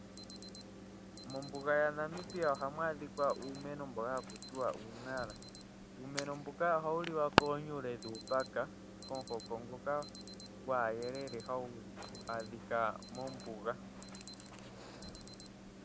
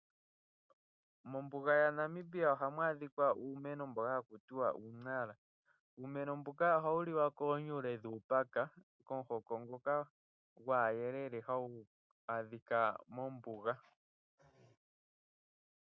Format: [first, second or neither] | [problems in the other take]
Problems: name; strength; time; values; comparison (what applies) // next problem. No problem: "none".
second | background sound (Alarm); 5 dB below the speech